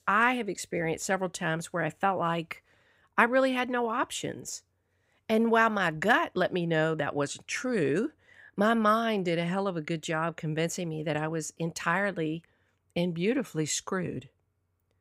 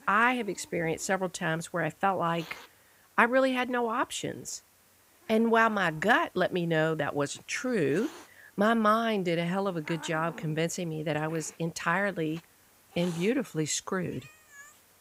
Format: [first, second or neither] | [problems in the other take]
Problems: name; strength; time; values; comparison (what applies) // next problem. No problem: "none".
first | hiss; faint; throughout; 25 dB below the speech